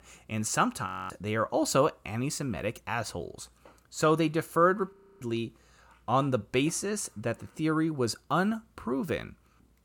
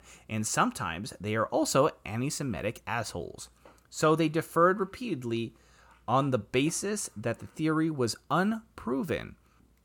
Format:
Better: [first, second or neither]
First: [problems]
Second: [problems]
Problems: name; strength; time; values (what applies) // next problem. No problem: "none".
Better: second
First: audio freezing; at 1 s and at 5 s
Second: none